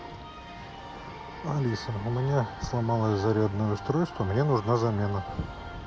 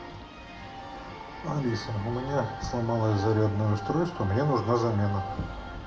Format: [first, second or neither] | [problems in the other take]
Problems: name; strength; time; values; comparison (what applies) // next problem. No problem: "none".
first | room echo; dies away in 0.7 s